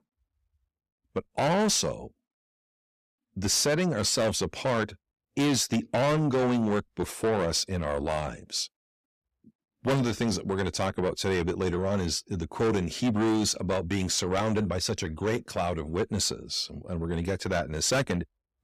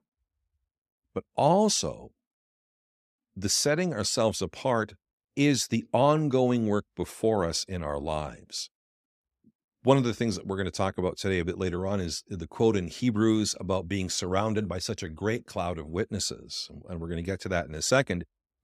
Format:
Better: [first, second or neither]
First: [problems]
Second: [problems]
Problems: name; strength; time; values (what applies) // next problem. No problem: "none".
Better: second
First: distortion; heavy; 6 dB below the speech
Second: none